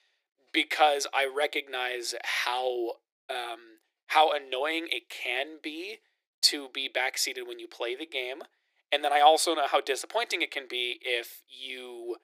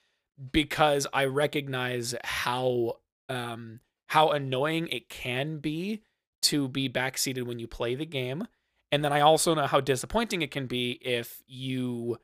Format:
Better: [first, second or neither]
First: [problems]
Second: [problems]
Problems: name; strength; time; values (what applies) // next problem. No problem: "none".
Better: second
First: thin; very; fading below 350 Hz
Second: none